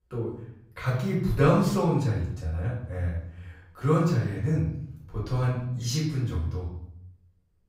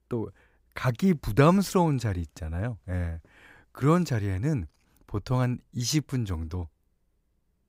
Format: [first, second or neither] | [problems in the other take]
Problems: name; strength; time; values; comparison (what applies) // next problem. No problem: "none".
second | off-mic speech; far // room echo; noticeable; dies away in 0.7 s